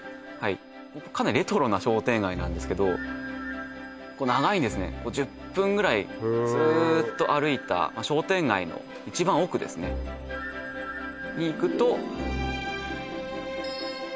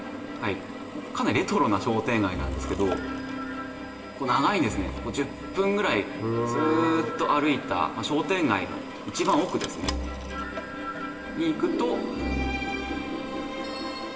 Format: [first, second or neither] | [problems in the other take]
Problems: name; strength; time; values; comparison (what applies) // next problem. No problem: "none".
first | background sound (Drill); 12 dB below the speech // room echo; dies away in 1.9 s